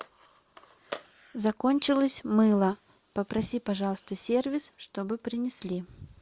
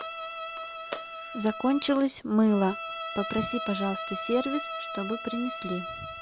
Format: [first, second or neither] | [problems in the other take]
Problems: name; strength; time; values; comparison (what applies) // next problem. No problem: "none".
first | background sound (Bowed string instrument); 7 dB below the speech